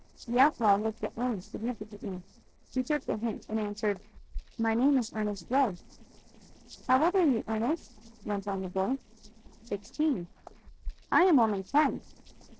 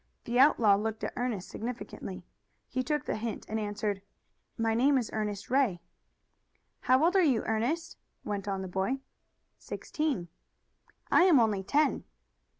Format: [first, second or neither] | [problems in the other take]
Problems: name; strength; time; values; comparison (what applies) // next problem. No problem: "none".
second | noise reduction (neural separator model SepFormer DNS4)